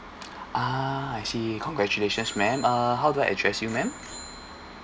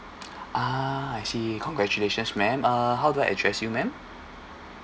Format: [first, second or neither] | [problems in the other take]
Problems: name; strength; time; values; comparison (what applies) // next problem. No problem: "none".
second | background sound (Bicycle bell); 20 dB below the speech